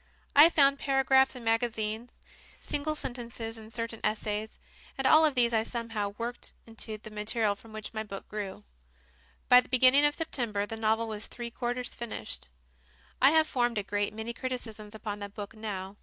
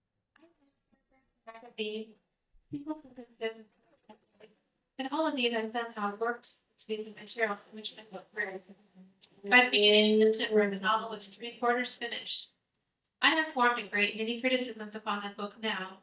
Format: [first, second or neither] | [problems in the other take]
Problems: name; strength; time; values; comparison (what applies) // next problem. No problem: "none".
first | noise reduction (neural mask model DeepFilterNet 3)